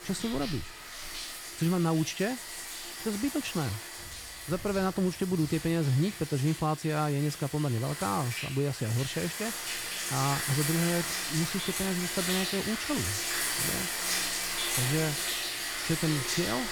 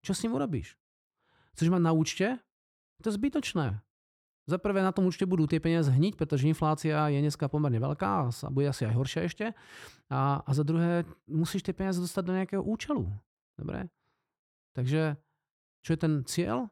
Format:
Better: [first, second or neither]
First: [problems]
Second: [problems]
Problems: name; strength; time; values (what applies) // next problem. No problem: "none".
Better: second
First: household noises; loud; throughout; 2 dB below the speech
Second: none